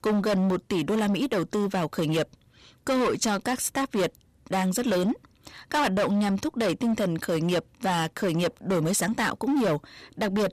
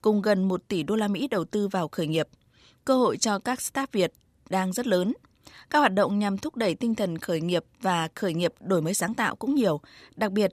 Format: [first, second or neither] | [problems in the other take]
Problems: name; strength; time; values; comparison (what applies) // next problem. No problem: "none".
second | distortion; heavy; 19% of the sound clipped